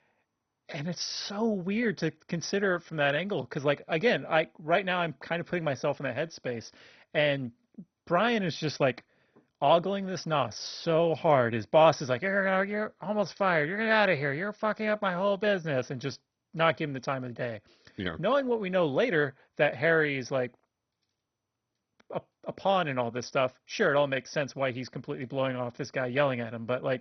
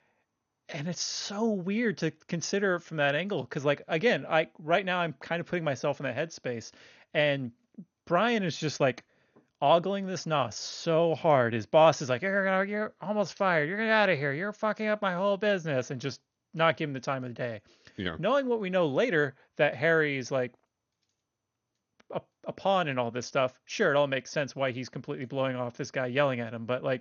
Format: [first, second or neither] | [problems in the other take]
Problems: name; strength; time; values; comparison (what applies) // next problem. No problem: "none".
second | garbled, watery; badly; nothing above 6 kHz; slightly in the second